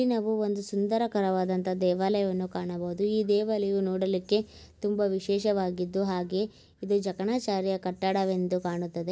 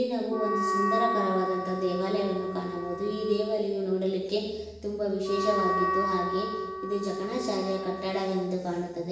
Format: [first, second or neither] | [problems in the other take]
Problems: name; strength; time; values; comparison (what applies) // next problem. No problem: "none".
first | background sound (Wind instrument, woodwind instrument); 3 dB below the speech // room echo; dies away in 0.9 s